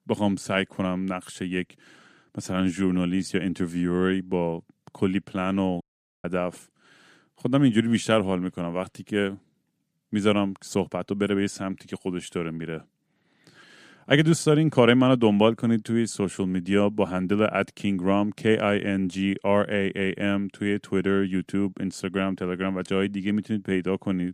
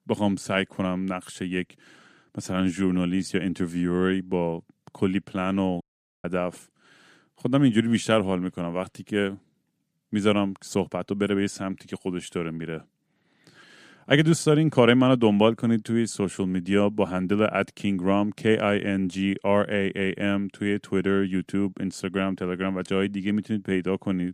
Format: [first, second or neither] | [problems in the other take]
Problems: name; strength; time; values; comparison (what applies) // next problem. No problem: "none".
neither | audio cutting out; at 6 s; the same in both